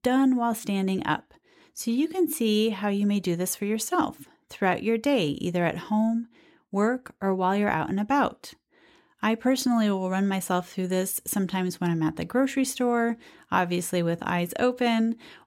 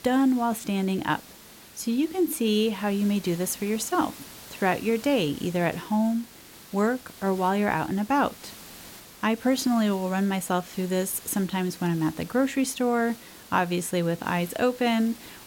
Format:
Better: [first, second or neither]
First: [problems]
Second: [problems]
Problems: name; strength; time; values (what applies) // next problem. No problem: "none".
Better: first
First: none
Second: hiss; noticeable; throughout; 20 dB below the speech